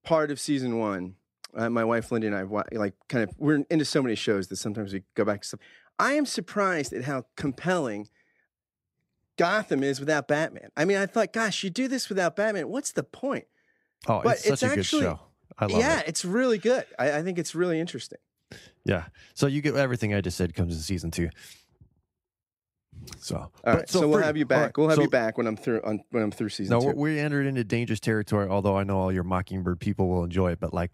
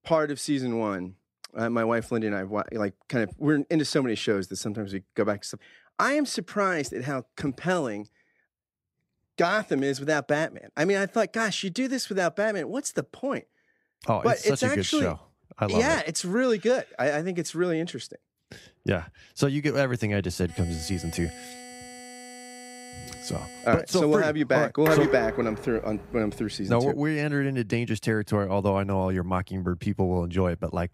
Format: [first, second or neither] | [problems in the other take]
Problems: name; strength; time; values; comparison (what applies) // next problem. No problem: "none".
first | alarm; faint; from 20 to 24 s; peak 15 dB below the speech // clattering dishes; noticeable; from 25 to 26 s; peak level with the speech